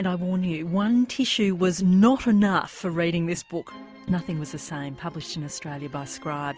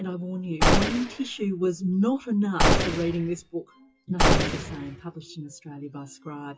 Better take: first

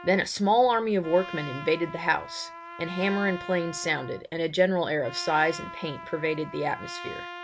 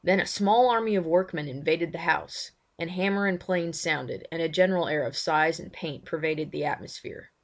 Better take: second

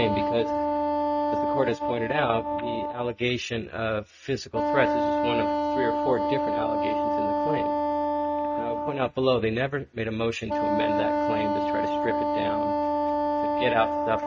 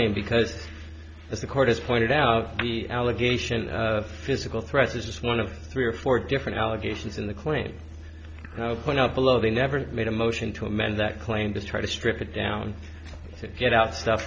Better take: second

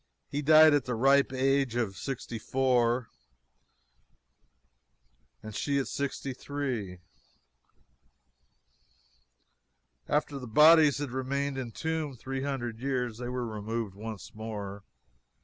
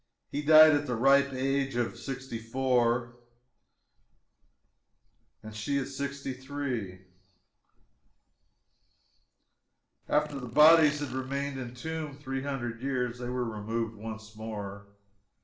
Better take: first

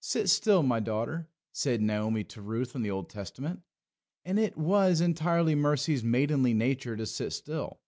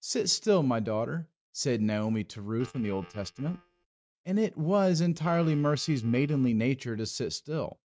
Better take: first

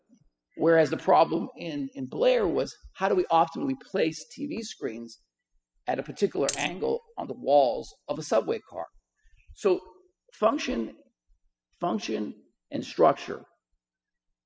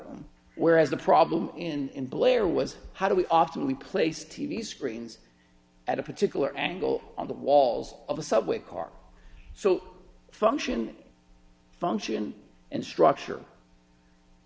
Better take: second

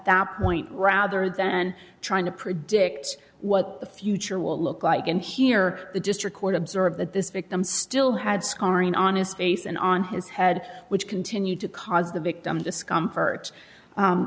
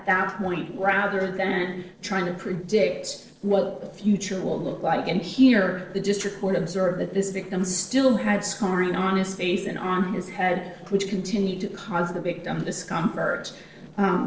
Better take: first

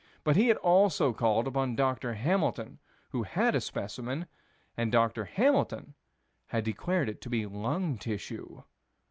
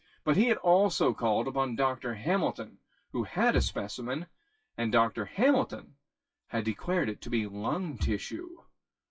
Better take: first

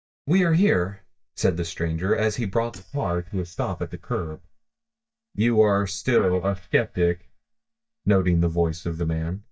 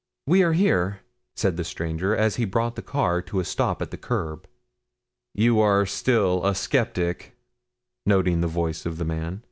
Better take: second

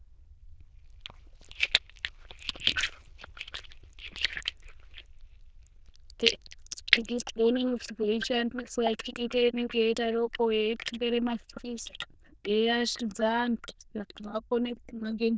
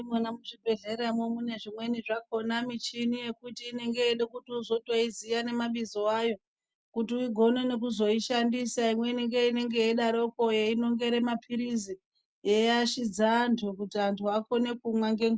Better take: second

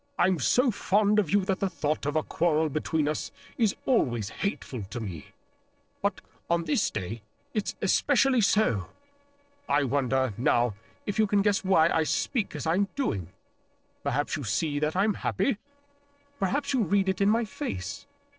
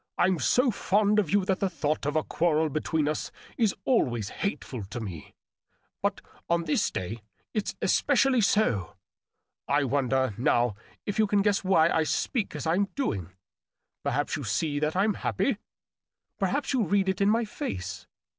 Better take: second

